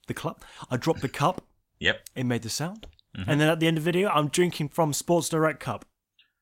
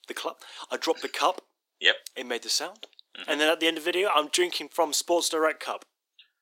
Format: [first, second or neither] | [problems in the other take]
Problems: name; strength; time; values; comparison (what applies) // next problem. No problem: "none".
first | thin; very; fading below 350 Hz